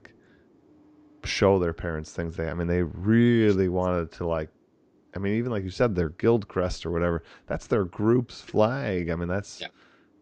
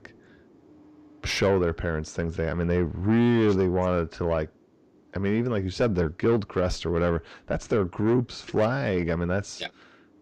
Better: first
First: none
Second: distortion; slight; 10 dB below the speech

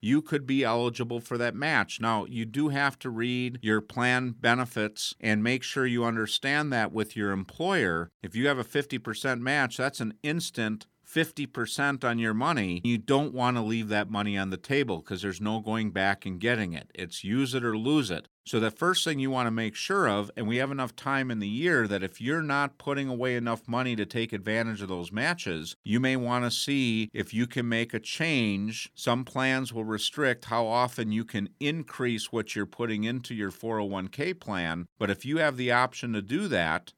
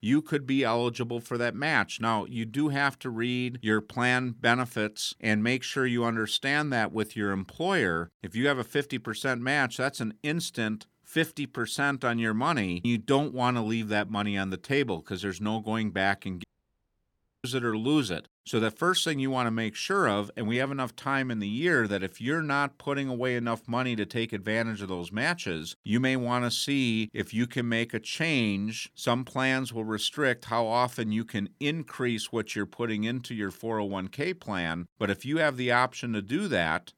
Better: first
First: none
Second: audio cutting out; at 16 s for 1 s

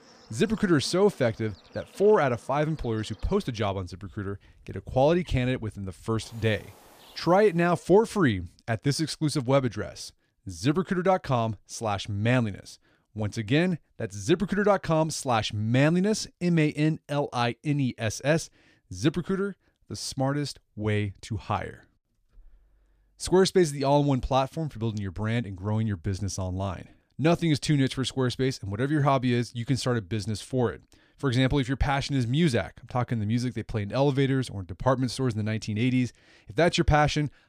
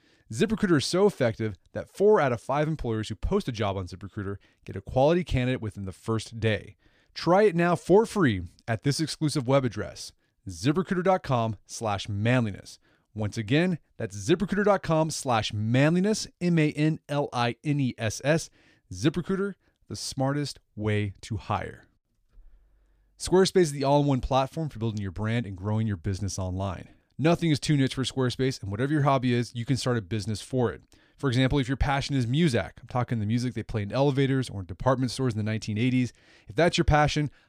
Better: second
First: animal sounds; faint; until 7.5 s; 25 dB below the speech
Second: none

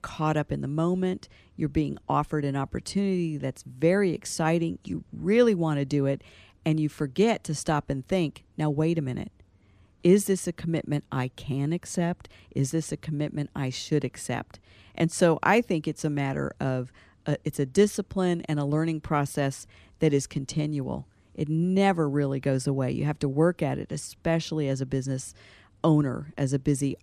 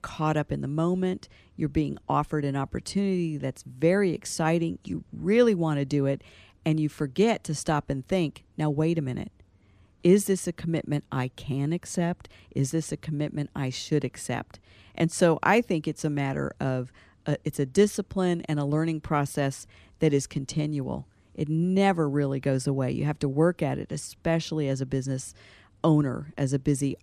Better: neither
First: none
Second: none

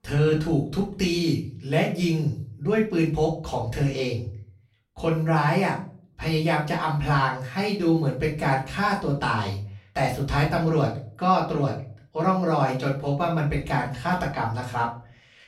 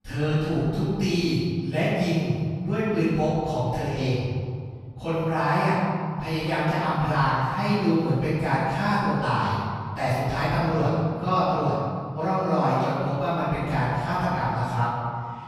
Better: first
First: room echo; slight; dies away in 0.4 s // off-mic speech; far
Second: room echo; strong; dies away in 2 s // off-mic speech; far

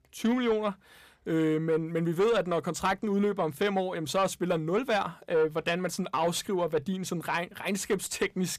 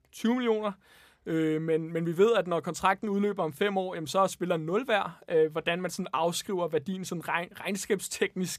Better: second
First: distortion; slight; 10 dB below the speech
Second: none

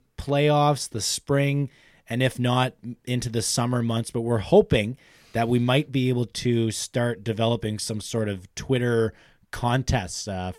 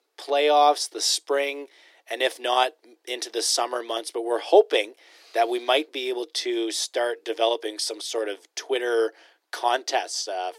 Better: first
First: none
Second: thin; very; fading below 300 Hz

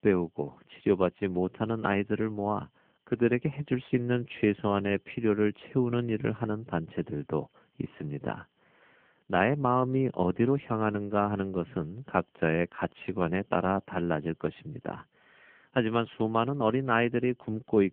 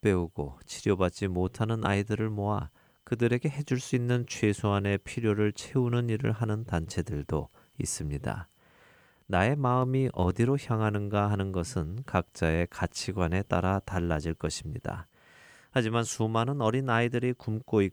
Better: second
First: phone-call audio; poor line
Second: none

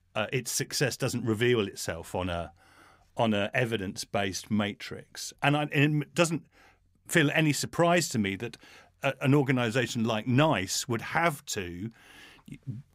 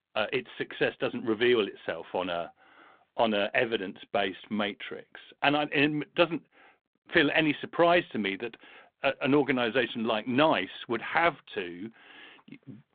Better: first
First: none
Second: phone-call audio

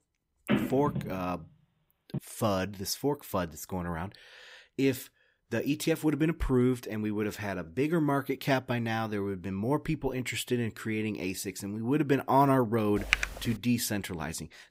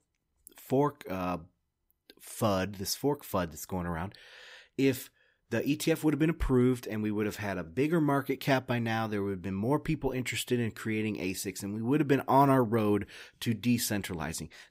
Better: second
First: phone ringing; loud; until 2 s; peak level with the speech // keyboard typing; very faint; at 13 s; peak 2 dB above the speech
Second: none

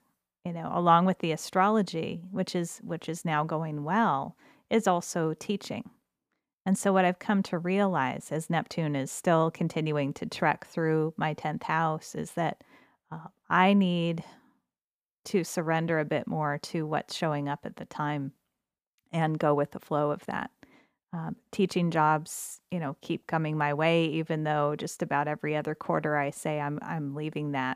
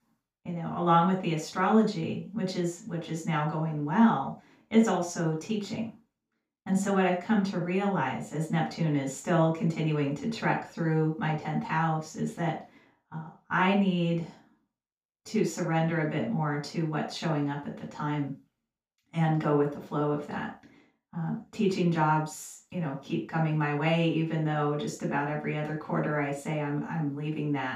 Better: first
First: none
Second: room echo; noticeable; dies away in 0.3 s // off-mic speech; far

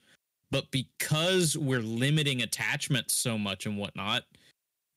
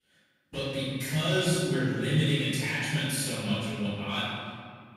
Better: first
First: none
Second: off-mic speech; far // room echo; strong; dies away in 1.8 s

